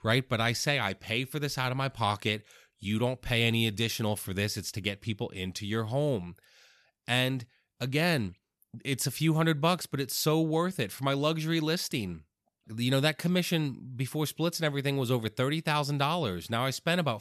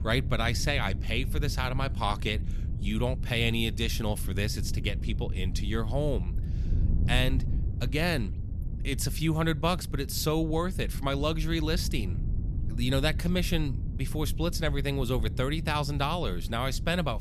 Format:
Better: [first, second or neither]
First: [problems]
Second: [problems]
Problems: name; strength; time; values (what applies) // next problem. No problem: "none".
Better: first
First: none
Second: wind noise on the microphone; occasional gusts; 15 dB below the speech